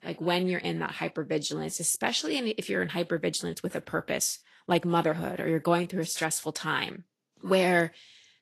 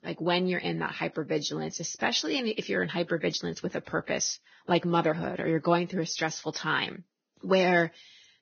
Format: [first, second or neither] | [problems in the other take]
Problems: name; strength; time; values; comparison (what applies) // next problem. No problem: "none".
first | garbled, watery; badly; nothing above 6.5 kHz; slightly in the first